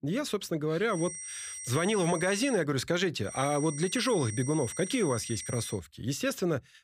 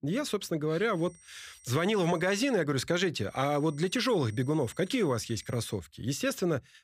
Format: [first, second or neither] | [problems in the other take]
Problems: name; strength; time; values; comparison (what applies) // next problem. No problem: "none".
second | high-pitched whine; loud; from 1 to 2.5 s and from 3.5 to 5.5 s; 8.5 kHz, 9 dB below the speech; faint in the second